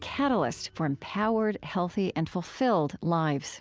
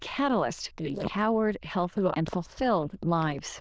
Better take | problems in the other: first | noise reduction (neural diffusion model UNIVERSE++)

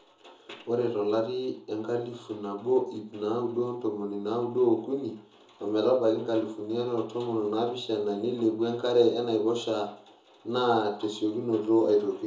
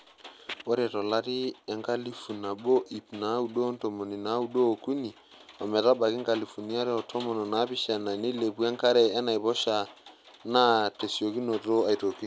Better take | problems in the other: second | room echo; dies away in 0.6 s

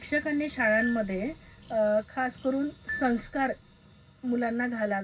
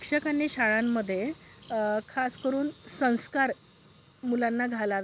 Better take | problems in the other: second | background sound (Marimba, xylophone); 14 dB below the speech // room echo; dies away in 0.4 s

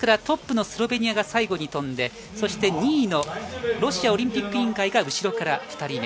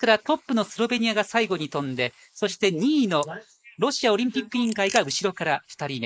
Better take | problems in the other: first | noise reduction (neural mask model Resemble Enhance denoiser)

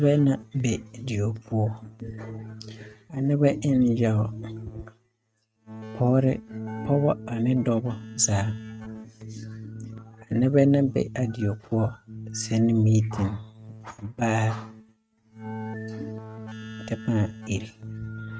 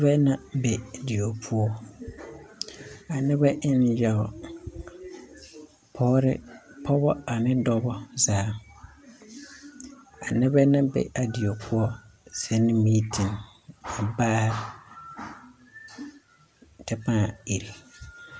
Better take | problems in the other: second | noise reduction (neural mask model RNNoise)

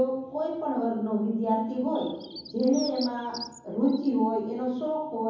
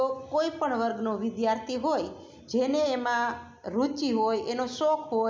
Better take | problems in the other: second | background sound (Bird); 17 dB below the speech // room echo; dies away in 0.9 s

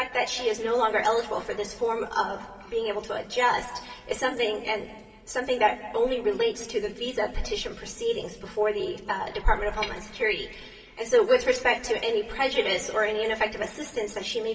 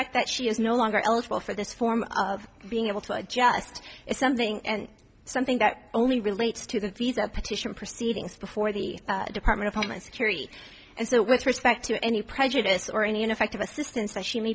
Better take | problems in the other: second | room echo; dies away in 1.9 s

